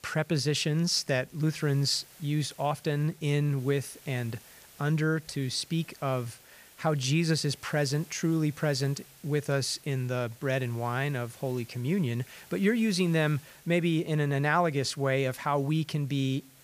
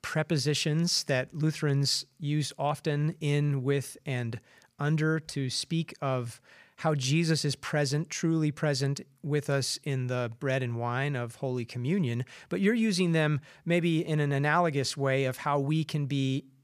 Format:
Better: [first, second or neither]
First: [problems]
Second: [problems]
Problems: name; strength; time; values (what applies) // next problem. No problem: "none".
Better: second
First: hiss; faint; throughout; 25 dB below the speech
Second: none